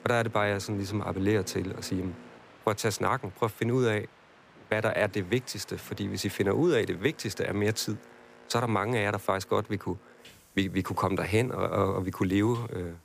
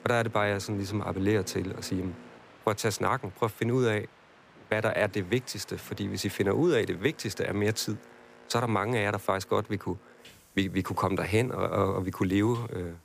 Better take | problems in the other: neither | train or aircraft noise; faint; throughout; 25 dB below the speech; the same in both

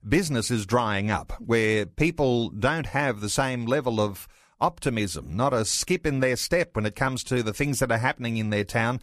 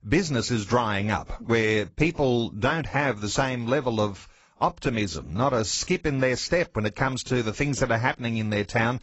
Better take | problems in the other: first | garbled, watery; badly; nothing above 7.5 kHz

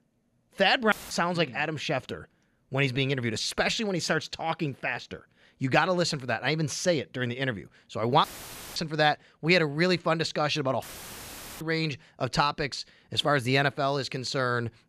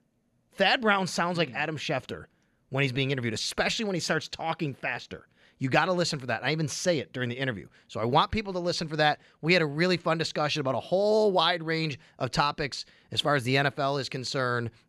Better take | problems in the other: second | audio cutting out; filled with static; at 1 s, at 8 s for 0.5 s and at 11 s for 1 s

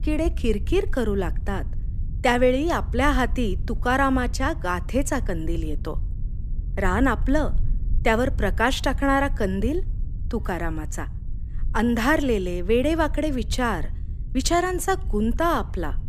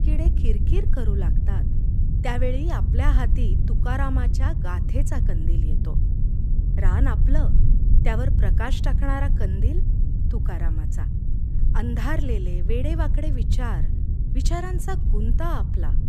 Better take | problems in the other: first | low rumble; loud; throughout; 7 dB below the speech; faint in the first

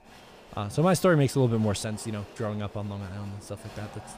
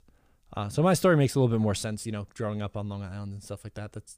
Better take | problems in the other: second | crowd noise; faint; throughout; 20 dB below the speech

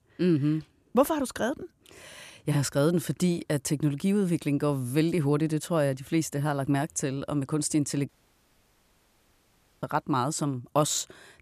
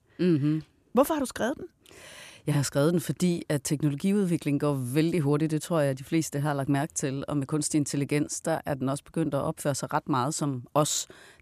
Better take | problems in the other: second | audio cutting out; at 8 s for 1.5 s

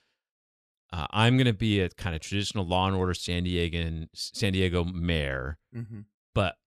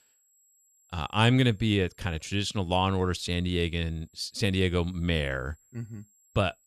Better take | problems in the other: first | high-pitched whine; faint; throughout; 7.5 kHz, 35 dB below the speech

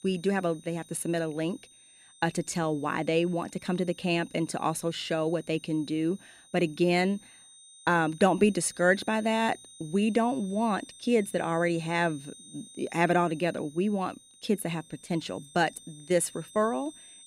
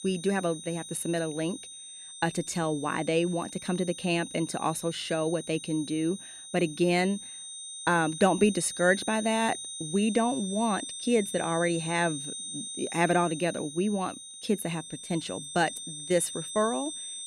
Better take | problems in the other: first | high-pitched whine; loud; throughout; 8.5 kHz, 9 dB below the speech; faint in the first

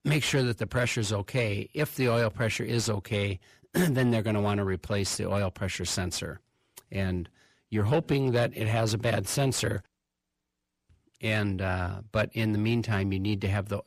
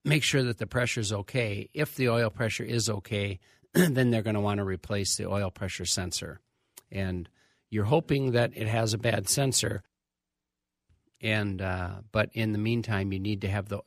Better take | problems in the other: second | distortion; slight; 10 dB below the speech

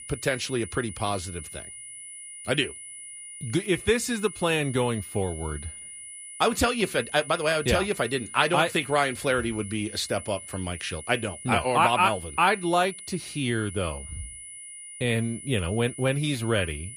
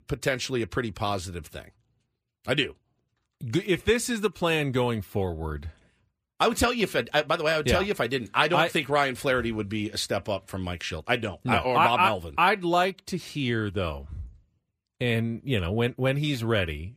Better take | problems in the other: second | high-pitched whine; noticeable; throughout; 10 kHz, 15 dB below the speech

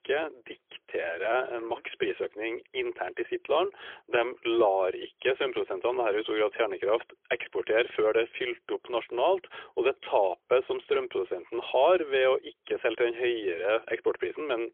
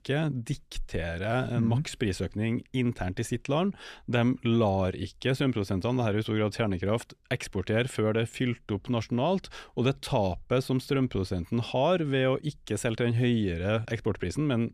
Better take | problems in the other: second | phone-call audio; poor line; nothing above 3.5 kHz

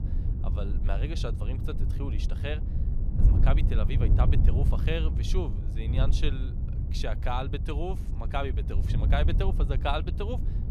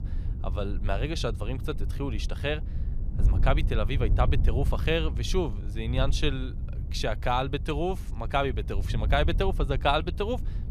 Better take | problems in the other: second | wind noise on the microphone; heavy; 8 dB below the speech; occasional gusts in the second

